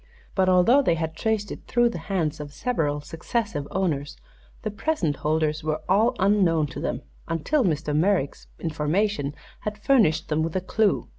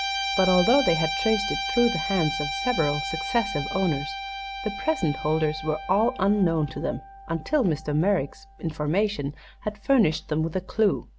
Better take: first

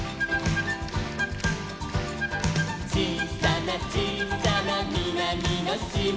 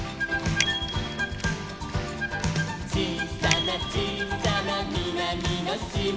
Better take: first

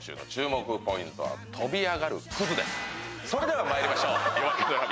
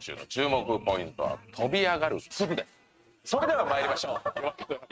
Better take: first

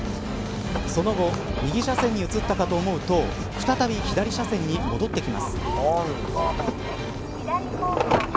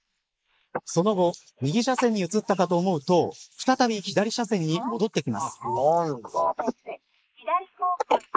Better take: first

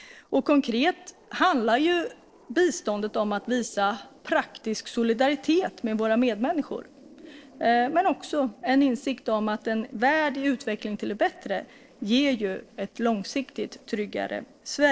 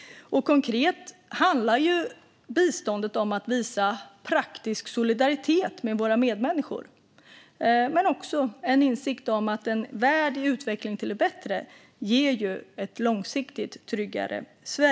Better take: second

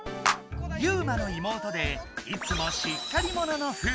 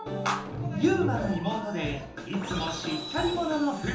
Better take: first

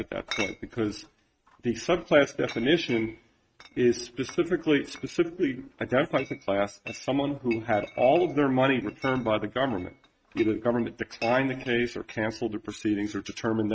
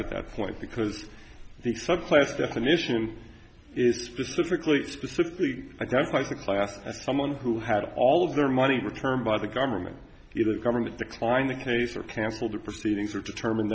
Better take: second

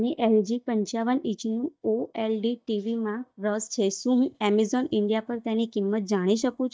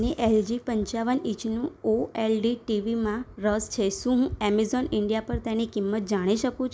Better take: second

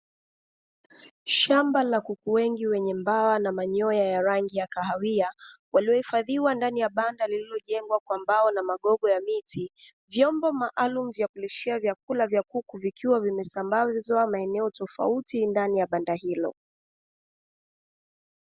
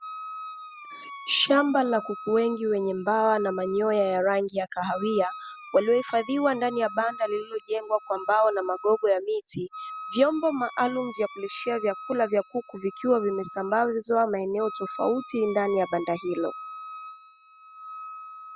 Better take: first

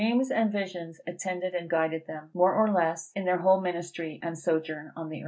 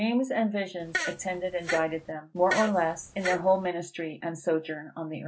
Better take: first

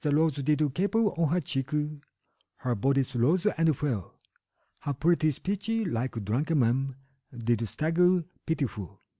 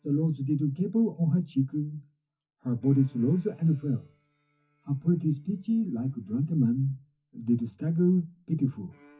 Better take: first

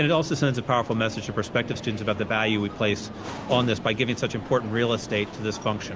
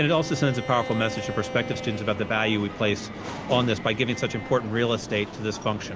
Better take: first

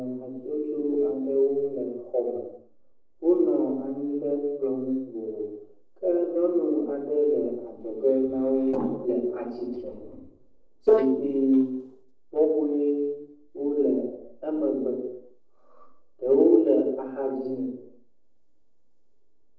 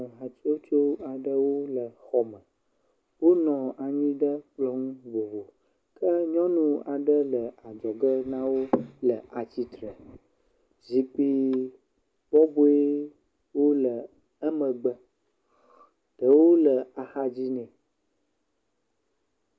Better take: second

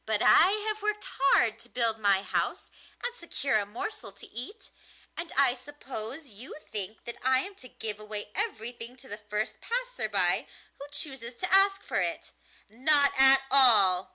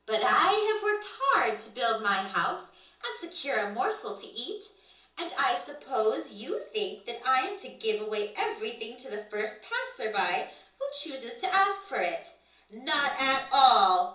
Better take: first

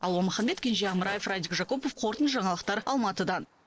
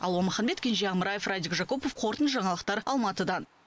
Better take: second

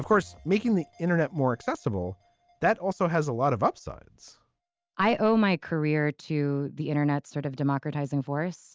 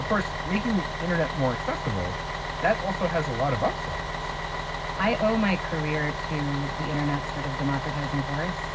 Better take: first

